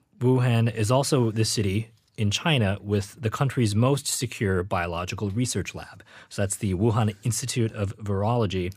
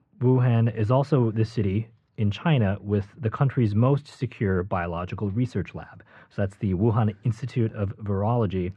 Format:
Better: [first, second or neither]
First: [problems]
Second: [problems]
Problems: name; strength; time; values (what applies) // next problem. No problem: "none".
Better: first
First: none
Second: muffled; very; fading above 2 kHz